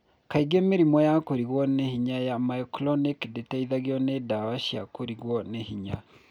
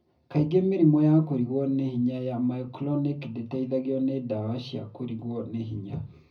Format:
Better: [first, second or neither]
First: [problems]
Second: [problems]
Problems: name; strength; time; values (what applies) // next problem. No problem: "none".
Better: first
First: none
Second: room echo; dies away in 0.4 s